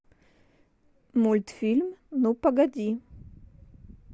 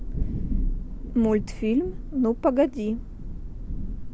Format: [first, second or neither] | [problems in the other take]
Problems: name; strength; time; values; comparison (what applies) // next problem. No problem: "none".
first | background sound (Thunder); 3 dB below the speech